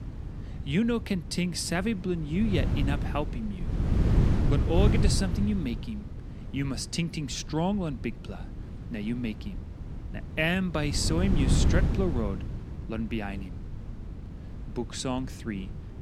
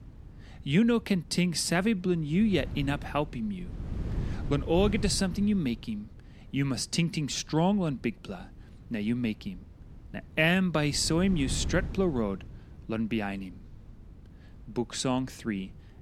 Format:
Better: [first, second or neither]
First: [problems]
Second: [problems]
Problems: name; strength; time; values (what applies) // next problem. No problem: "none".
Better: second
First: wind noise on the microphone; heavy; 9 dB below the speech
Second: wind noise on the microphone; occasional gusts; 20 dB below the speech